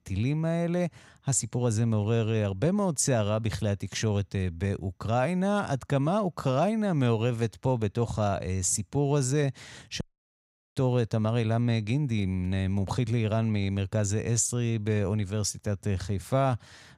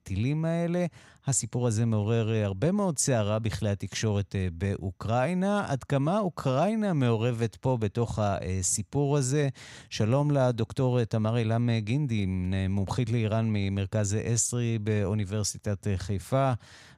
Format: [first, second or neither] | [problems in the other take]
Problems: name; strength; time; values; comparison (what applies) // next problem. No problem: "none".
second | audio cutting out; at 10 s for 1 s